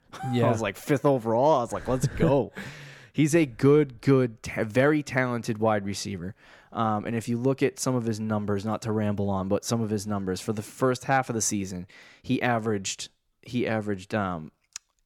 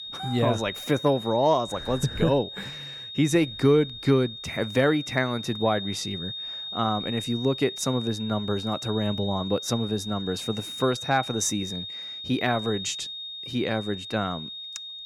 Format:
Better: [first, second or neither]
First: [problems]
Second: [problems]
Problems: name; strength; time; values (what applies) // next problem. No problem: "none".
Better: first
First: none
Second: high-pitched whine; loud; throughout; 3.5 kHz, 8 dB below the speech